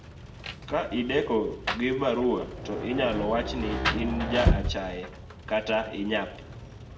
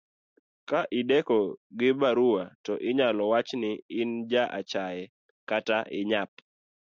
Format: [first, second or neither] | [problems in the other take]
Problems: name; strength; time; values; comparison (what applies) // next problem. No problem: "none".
second | background sound (Rain); 3 dB below the speech // room echo; dies away in 0.7 s